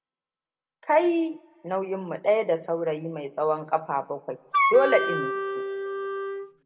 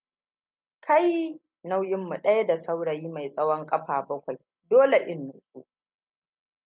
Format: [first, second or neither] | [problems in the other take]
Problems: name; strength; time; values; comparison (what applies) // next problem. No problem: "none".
second | background sound (Wind instrument, woodwind instrument); 1 dB below the speech // room echo; dies away in 1.7 s